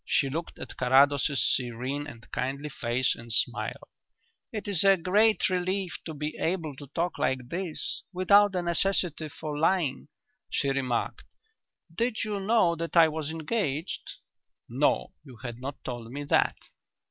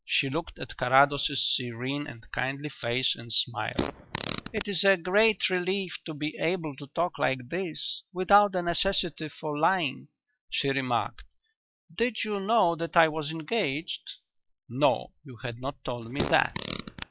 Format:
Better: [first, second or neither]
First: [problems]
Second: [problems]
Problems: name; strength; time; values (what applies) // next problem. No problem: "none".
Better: first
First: none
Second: noise reduction (classical method log-MMSE)